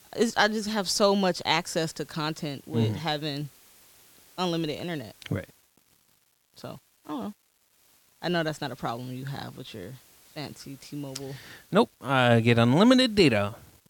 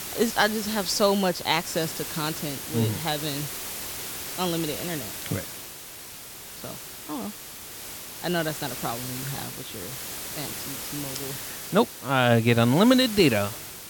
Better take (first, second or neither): first